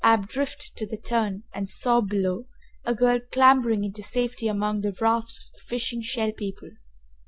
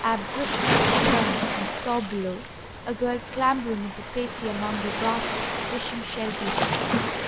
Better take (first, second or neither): first